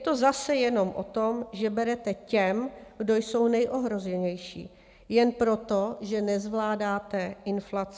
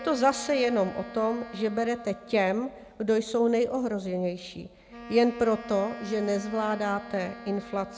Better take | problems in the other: first | background sound (Wind instrument, woodwind instrument); 16 dB below the speech

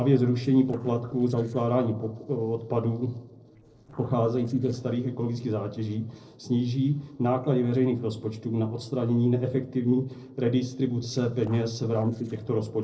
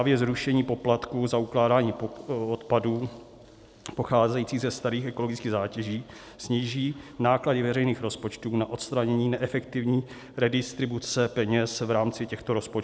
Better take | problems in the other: second | noise reduction (neural separator model SepFormer DNS4)

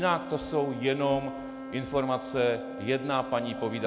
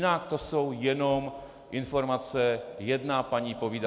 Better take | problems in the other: second | background sound (Wind instrument, woodwind instrument); 10 dB below the speech

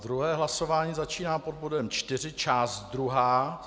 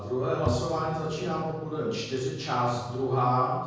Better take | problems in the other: first | background sound (Bowed string instrument); 10 dB below the speech // room echo; dies away in 1.3 s

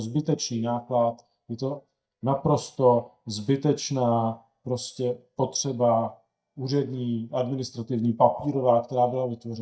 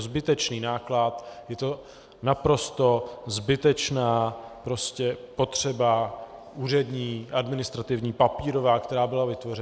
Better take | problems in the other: second | noise reduction (neural mask model DeepFilterNet 3)

